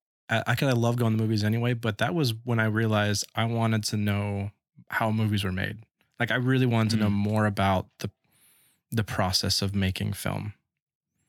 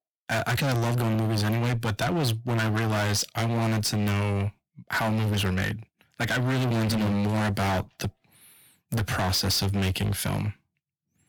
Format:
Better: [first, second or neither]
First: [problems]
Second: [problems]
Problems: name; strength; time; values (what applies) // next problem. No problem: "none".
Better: first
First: none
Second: distortion; heavy; 30% of the sound clipped